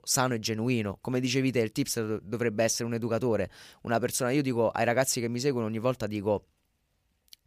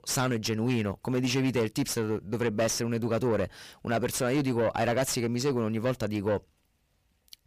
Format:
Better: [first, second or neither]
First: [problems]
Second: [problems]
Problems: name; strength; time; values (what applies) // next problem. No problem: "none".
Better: first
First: none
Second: distortion; slight; 10 dB below the speech